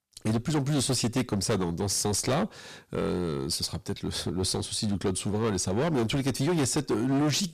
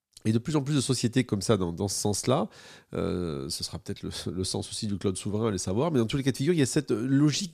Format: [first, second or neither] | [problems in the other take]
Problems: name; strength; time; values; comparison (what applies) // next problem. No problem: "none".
second | distortion; heavy; 16% of the sound clipped